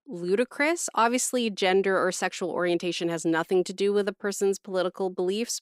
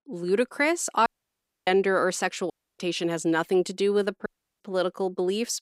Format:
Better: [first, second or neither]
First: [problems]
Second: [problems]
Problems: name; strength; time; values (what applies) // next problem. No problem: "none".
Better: first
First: none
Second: audio cutting out; at 1 s for 0.5 s, at 2.5 s and at 4.5 s